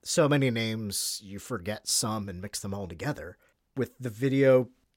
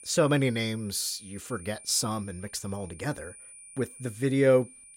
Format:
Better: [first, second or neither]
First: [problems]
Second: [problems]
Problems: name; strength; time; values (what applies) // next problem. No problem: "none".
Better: first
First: none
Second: high-pitched whine; noticeable; throughout; 9.5 kHz, 20 dB below the speech